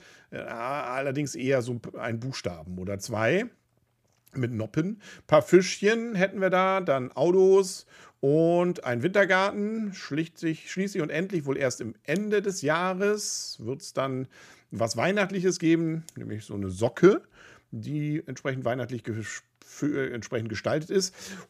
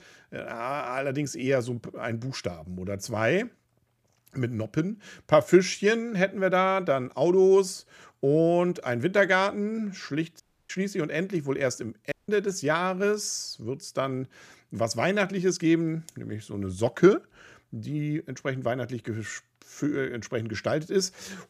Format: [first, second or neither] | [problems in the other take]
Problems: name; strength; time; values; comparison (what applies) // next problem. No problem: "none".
first | audio cutting out; at 10 s and at 12 s